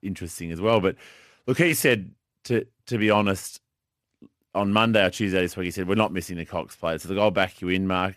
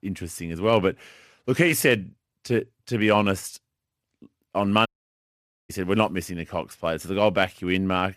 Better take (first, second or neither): first